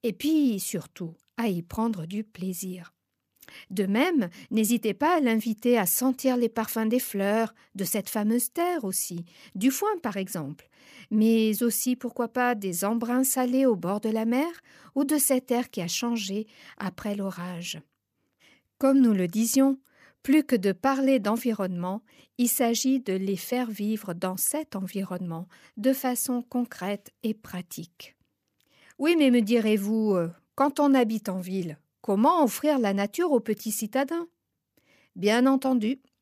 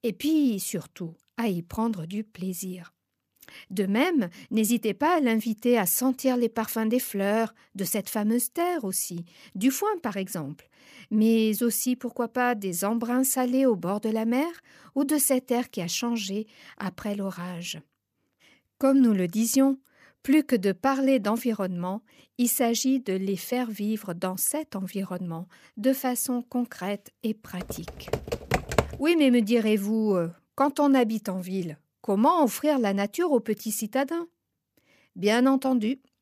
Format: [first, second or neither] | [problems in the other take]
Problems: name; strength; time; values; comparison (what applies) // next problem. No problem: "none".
first | keyboard typing; noticeable; from 28 to 29 s; peak level with the speech